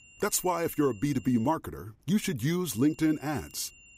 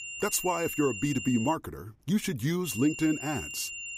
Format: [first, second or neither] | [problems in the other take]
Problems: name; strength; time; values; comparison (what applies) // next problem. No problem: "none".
first | high-pitched whine; loud; until 1.5 s and from 2.5 s on; 3 kHz, 8 dB below the speech; faint in the first